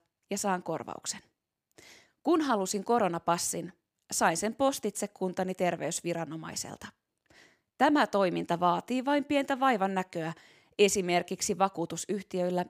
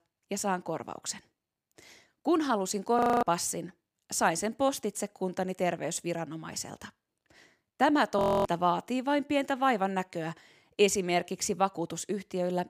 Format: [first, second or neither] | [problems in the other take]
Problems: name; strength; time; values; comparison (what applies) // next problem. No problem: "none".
first | audio freezing; at 3 s and at 8 s